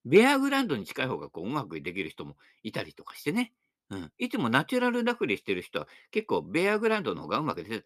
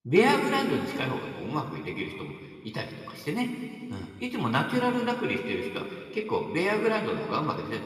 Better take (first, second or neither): first